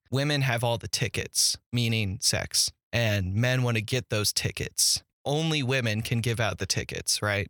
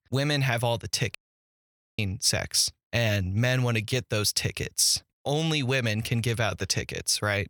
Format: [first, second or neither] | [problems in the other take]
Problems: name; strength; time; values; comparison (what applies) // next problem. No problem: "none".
first | audio cutting out; at 1 s for 1 s